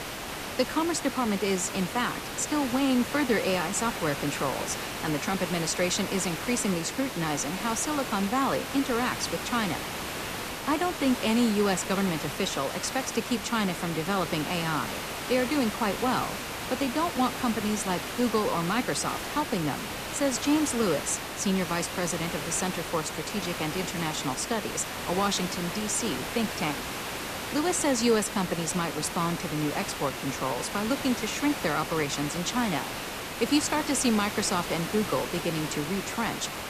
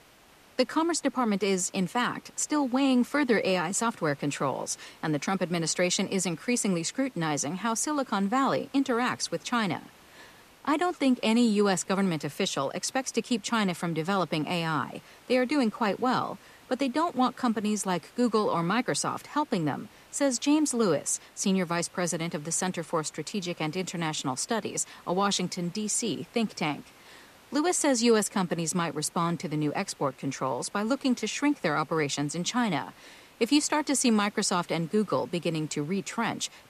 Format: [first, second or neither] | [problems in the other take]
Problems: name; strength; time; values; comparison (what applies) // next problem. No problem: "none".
second | hiss; loud; throughout; 5 dB below the speech; faint in the second